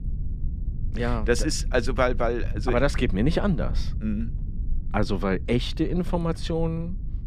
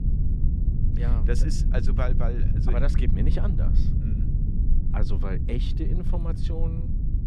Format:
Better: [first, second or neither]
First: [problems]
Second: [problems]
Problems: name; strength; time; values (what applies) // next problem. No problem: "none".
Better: first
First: low rumble; faint; throughout; 20 dB below the speech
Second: low rumble; loud; throughout; 4 dB below the speech